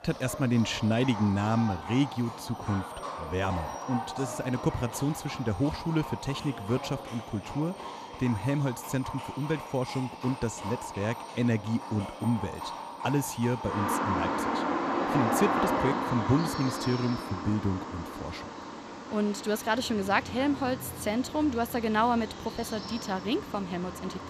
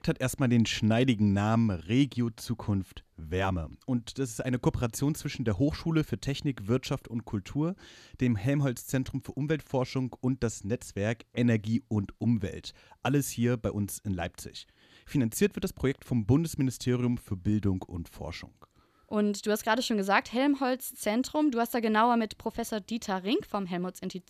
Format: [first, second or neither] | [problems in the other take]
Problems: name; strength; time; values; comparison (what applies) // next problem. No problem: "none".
second | animal sounds; loud; throughout; 5 dB below the speech